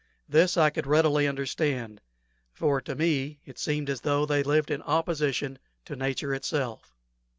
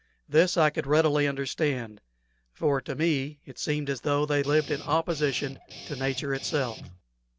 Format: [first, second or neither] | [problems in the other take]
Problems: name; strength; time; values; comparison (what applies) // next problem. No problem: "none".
first | background sound (Guitar); 15 dB below the speech